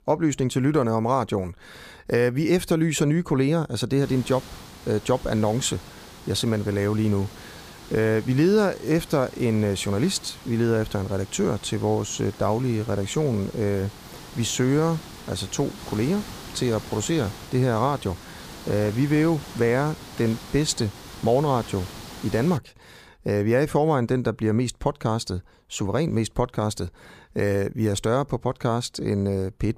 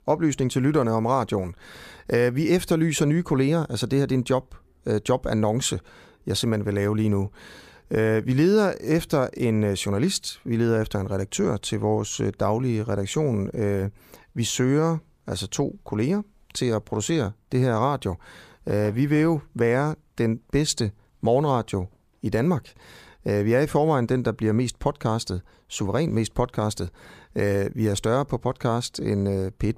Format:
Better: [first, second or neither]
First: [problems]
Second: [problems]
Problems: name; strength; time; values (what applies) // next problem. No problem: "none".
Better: second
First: hiss; noticeable; from 4 to 23 s; 15 dB below the speech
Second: none